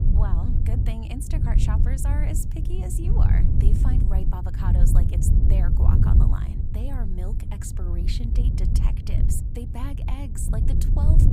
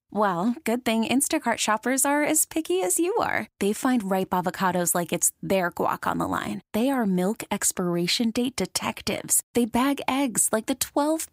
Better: second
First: wind noise on the microphone; heavy; 1 dB above the speech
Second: none

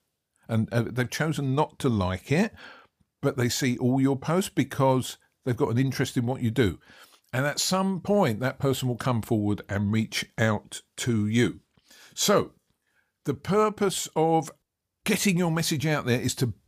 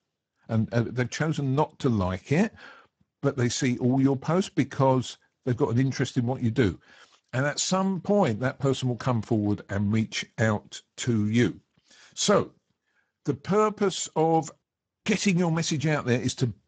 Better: first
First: none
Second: garbled, watery; badly; nothing above 7.5 kHz

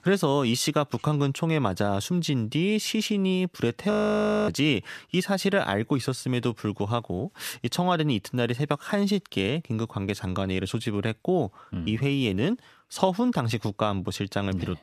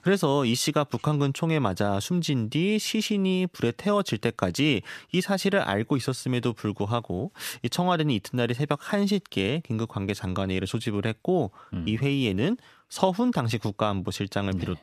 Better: second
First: audio freezing; at 4 s for 0.5 s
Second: none

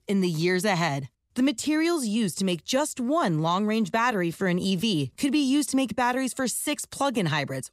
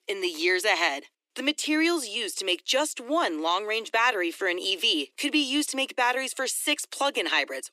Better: first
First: none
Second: thin; somewhat; fading below 300 Hz

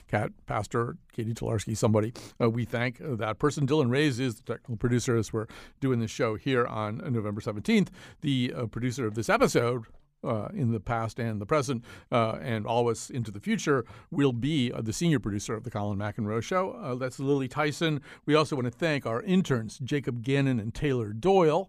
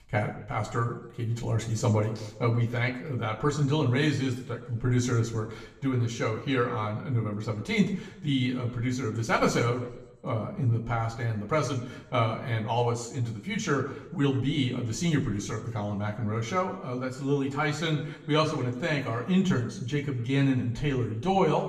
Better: first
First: none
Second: room echo; slight; dies away in 0.7 s // off-mic speech; far

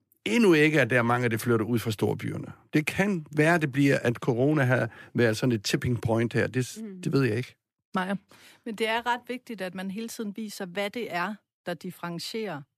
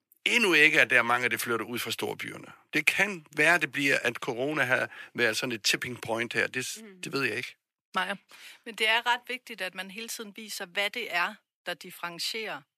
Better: first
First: none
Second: thin; somewhat; fading below 1 kHz

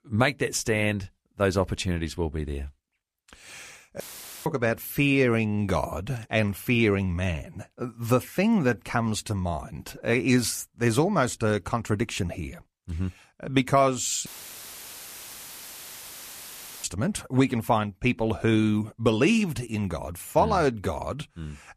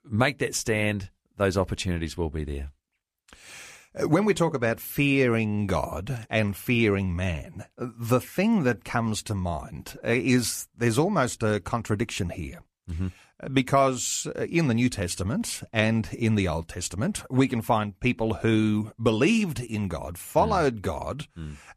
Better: second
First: audio cutting out; filled with static; at 4 s and at 14 s for 2.5 s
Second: none

